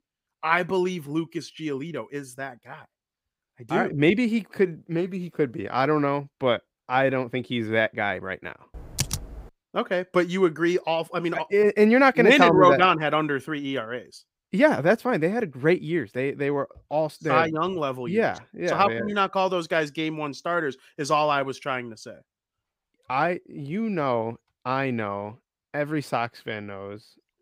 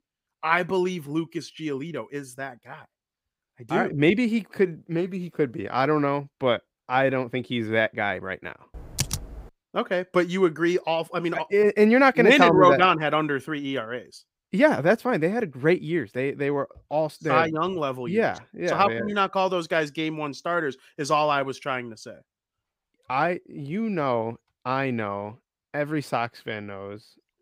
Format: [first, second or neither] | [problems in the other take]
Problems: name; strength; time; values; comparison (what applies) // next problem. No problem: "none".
neither | keyboard typing; noticeable; at 9 s; peak 5 dB below the speech; the same in both